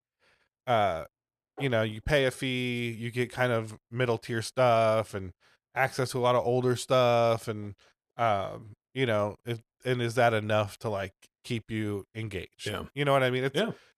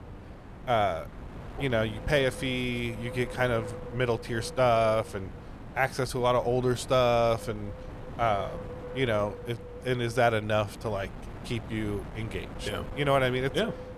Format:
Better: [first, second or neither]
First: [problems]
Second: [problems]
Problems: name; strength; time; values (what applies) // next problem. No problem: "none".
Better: first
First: none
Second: wind noise on the microphone; occasional gusts; 15 dB below the speech